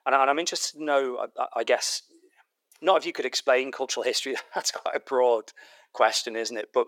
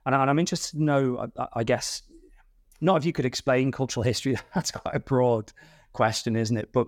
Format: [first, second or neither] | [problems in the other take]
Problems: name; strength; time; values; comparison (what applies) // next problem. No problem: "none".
second | thin; very; fading below 400 Hz